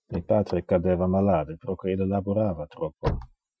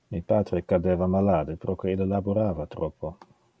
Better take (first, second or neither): second